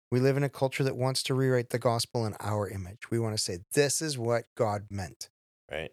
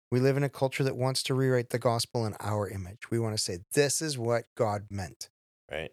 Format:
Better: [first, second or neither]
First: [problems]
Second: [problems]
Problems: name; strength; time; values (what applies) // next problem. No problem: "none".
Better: neither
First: none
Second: none